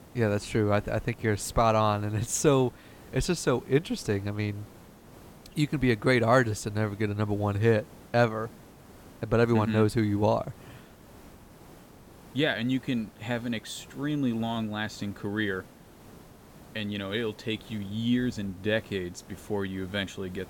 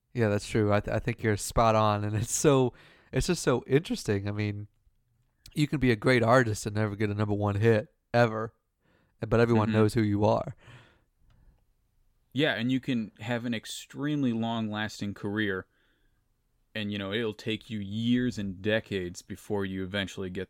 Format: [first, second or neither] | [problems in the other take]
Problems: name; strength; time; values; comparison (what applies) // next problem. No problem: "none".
second | hiss; faint; throughout; 25 dB below the speech